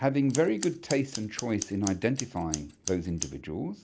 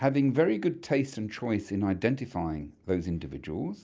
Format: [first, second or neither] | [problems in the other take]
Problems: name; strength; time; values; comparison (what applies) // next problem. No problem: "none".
second | background sound (Scissors); 11 dB below the speech